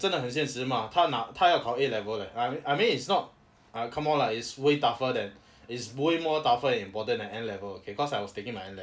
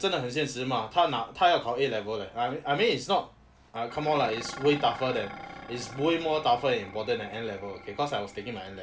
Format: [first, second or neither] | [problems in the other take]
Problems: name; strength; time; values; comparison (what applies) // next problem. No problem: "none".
first | background sound (Dishes, pots, and pans); 17 dB below the speech